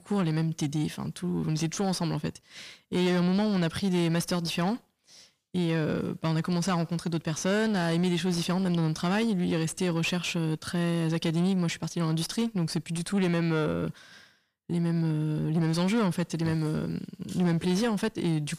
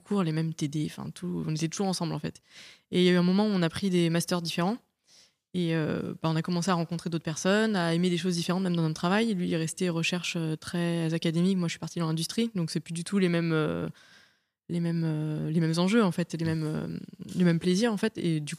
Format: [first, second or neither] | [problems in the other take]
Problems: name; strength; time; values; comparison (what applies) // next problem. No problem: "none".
second | distortion; slight; 10 dB below the speech